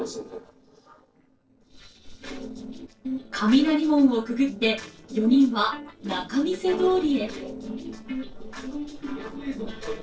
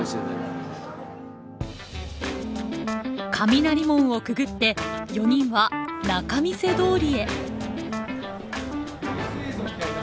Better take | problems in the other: second | noise reduction (neural separator model SepFormer DNS4)

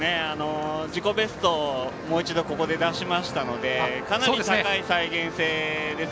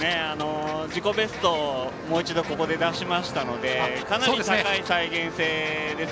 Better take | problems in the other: first | background sound (Scratching (performance technique)); 16 dB below the speech

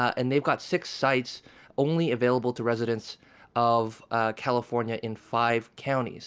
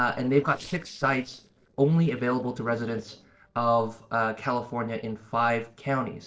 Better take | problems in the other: first | noise reduction (neural separator model SepFormer DNS4)

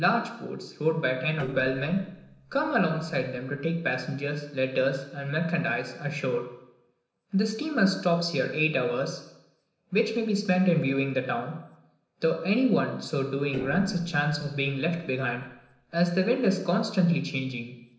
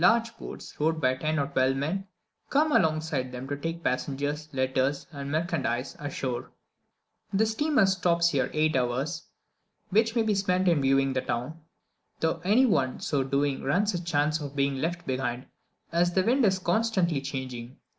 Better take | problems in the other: second | noise reduction (neural separator model SepFormer DNS4)

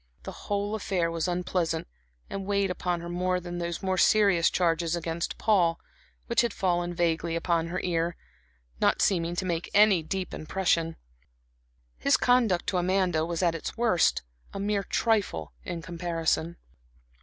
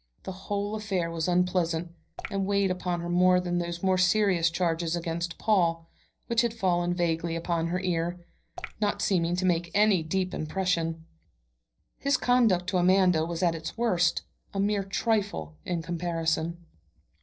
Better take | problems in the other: first | noise reduction (neural separator model SepFormer DNS4)

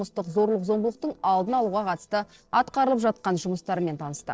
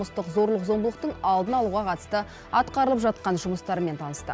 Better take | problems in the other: second | noise reduction (neural separator model SepFormer DNS4)

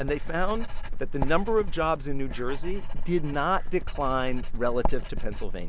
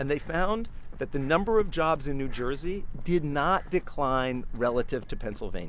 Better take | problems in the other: second | background sound (Writing); 1 dB above the speech

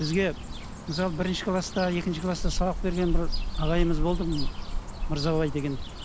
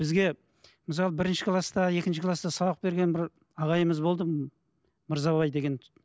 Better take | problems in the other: second | background sound (Cricket / Bird); 1 dB below the speech

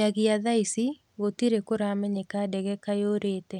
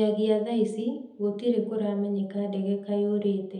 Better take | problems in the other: first | room echo; dies away in 0.7 s

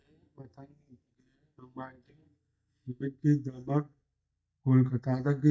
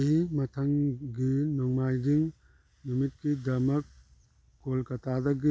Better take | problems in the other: second | noise reduction (neural mask model DeepFilterNet 3)

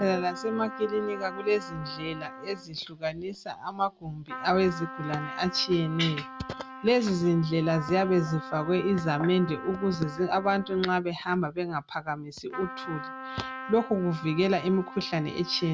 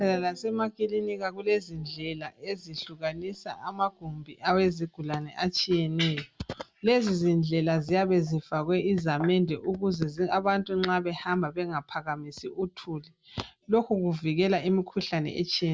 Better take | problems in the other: second | background sound (Trumpet); 13 dB below the speech

